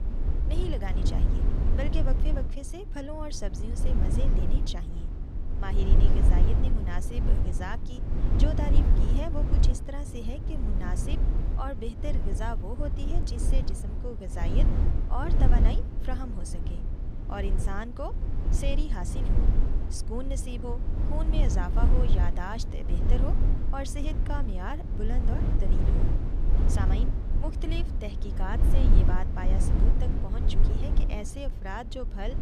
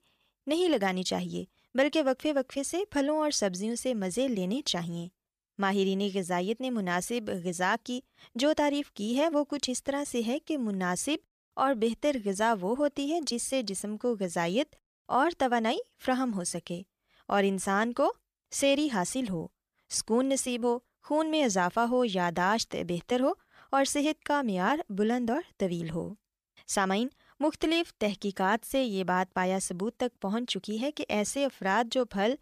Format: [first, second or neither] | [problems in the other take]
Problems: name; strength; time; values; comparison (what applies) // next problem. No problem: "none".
second | low rumble; loud; throughout; 3 dB below the speech